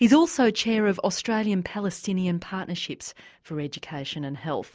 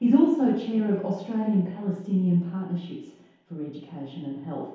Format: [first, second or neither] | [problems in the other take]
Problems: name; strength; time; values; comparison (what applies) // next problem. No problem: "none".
first | room echo; dies away in 0.8 s